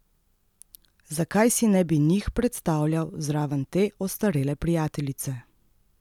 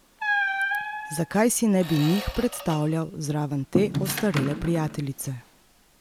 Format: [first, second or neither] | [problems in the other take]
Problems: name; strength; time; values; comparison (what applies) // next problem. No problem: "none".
first | background sound (Squeak); 5 dB below the speech